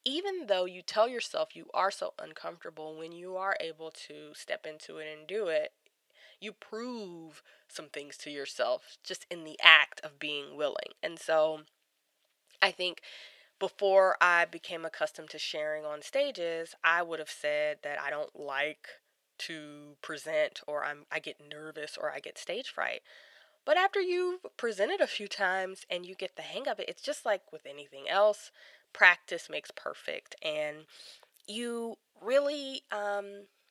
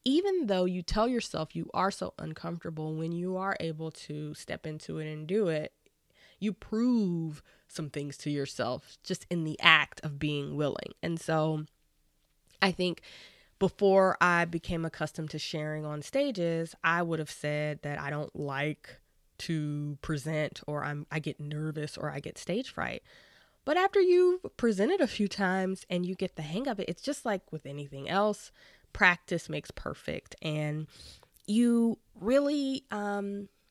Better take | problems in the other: second | thin; very; fading below 600 Hz

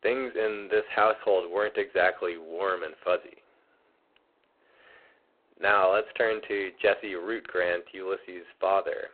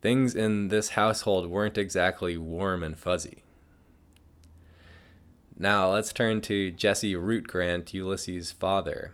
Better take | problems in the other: second | phone-call audio; poor line; nothing above 4 kHz

